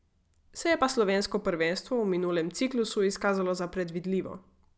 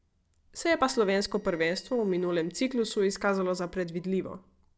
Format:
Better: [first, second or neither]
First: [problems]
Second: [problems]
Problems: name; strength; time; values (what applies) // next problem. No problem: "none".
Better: first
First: none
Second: noise reduction (neural separator model SepFormer DNS4)